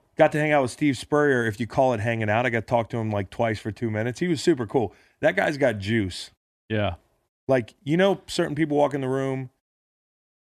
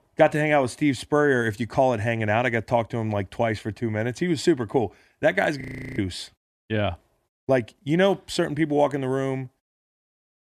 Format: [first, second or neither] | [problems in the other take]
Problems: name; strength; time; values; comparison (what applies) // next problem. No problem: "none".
first | audio freezing; at 5.5 s